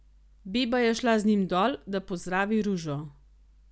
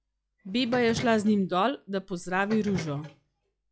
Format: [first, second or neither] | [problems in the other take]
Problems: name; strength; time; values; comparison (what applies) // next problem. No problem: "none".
first | noise reduction (classical method log-MMSE)